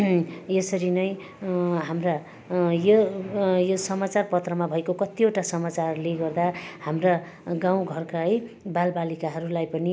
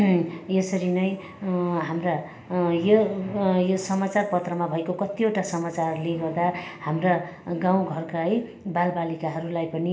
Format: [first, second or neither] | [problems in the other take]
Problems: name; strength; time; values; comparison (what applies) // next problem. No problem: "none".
first | room echo; dies away in 0.9 s